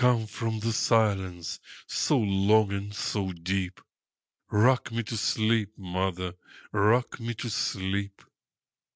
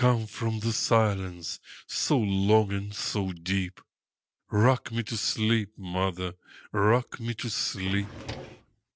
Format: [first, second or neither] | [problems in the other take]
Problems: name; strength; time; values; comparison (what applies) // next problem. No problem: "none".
first | background sound (Drawer open or close); 13 dB below the speech